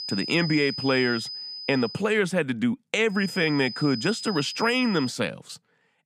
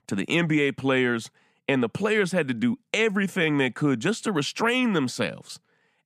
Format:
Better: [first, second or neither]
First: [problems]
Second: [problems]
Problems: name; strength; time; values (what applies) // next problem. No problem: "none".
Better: second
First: high-pitched whine; loud; until 2 s and from 3 to 5 s; 5 kHz, 9 dB below the speech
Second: none